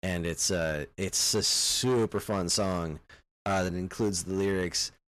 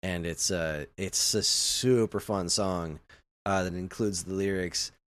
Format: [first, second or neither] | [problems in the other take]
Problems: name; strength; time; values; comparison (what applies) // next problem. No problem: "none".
second | distortion; slight; 8% of the sound clipped